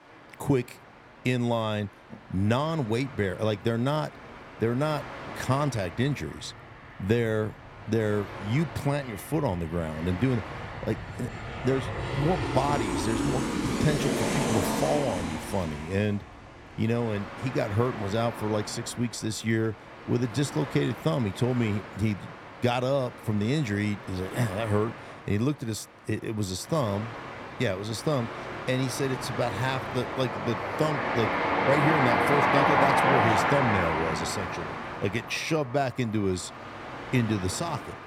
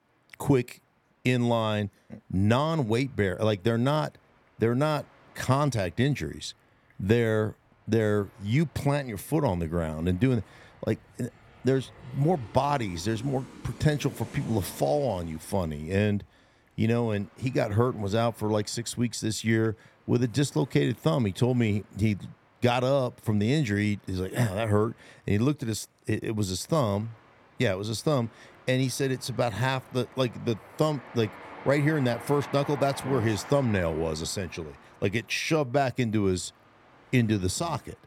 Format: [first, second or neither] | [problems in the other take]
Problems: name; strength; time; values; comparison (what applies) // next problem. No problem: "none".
second | train or aircraft noise; loud; throughout; 1 dB below the speech; faint in the second